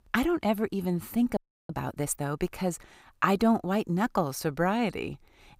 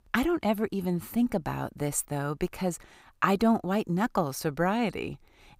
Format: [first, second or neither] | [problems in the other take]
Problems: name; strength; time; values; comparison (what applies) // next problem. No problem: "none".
second | audio freezing; at 1.5 s